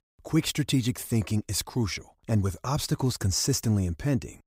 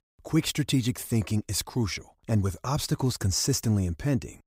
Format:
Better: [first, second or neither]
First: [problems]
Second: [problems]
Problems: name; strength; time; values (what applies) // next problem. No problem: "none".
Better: neither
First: none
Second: none